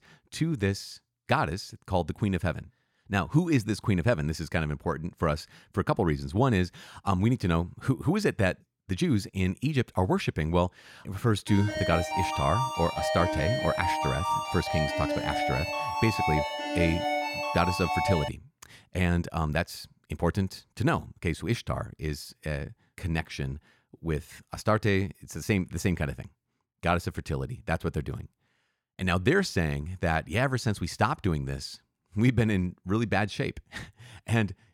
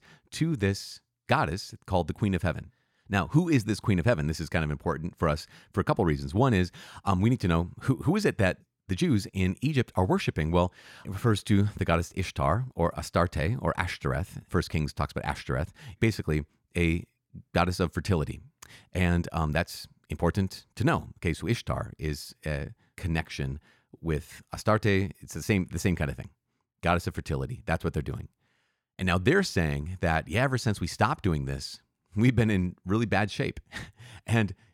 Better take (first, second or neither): second